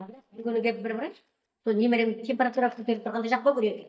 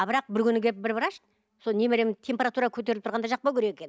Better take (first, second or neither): second